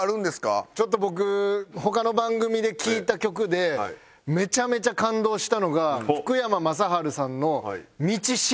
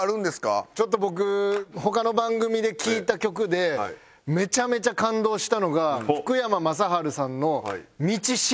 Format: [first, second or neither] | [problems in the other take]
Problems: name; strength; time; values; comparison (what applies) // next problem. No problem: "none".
first | background sound (Clapping); 18 dB below the speech